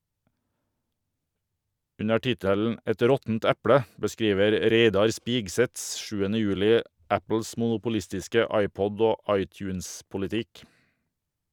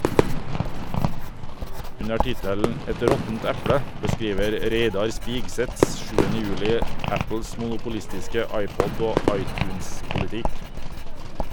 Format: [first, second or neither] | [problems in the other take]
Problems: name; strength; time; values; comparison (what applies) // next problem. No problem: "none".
first | background sound (Writing + Fireworks); 4 dB above the speech